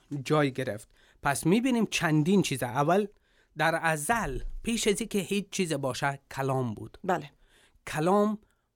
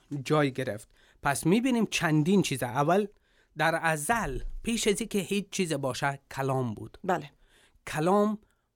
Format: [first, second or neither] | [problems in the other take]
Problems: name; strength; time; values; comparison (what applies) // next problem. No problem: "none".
neither | none